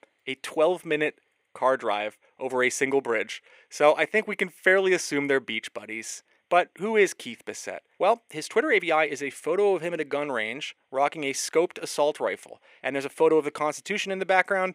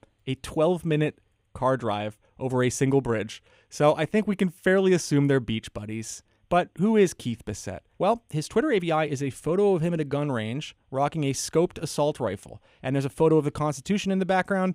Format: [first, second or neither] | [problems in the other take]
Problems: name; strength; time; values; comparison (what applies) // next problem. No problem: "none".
second | thin; somewhat; fading below 450 Hz